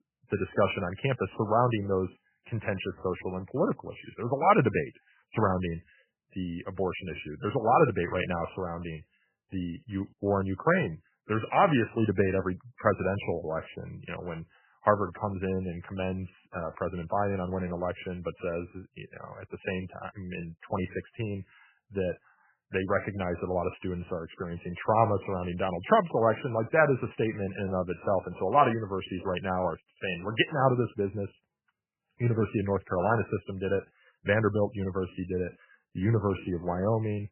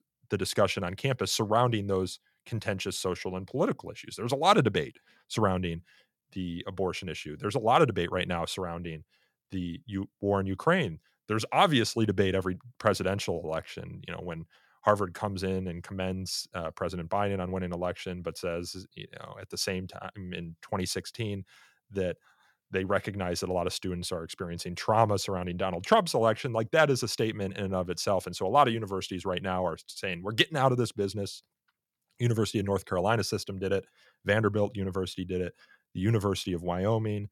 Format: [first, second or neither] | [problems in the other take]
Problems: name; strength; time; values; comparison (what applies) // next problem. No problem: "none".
second | garbled, watery; badly; nothing above 3 kHz